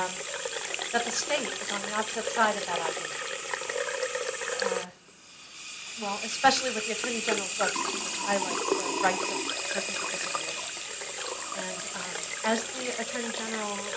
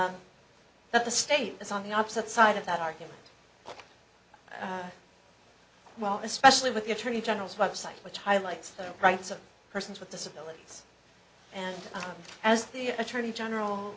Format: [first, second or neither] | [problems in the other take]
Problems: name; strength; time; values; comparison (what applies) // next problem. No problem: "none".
second | background sound (Sink (filling or washing) / Water tap, faucet); 1 dB above the speech